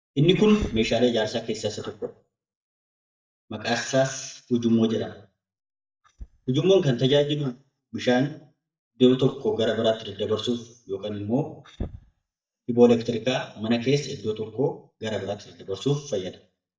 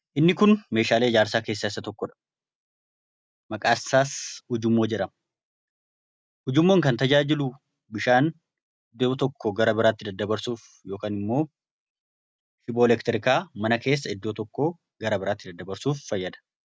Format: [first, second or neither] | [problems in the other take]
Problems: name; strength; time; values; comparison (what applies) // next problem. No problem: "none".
second | noise reduction (neural mask model DeepFilterNet 3)